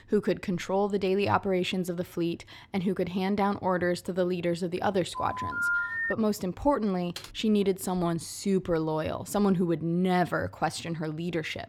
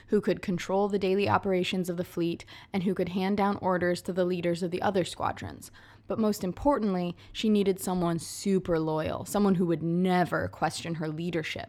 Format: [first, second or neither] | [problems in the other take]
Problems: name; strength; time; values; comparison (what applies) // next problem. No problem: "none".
second | phone ringing; loud; at 5 s; peak 1 dB above the speech // keyboard typing; faint; at 7 s; peak 15 dB below the speech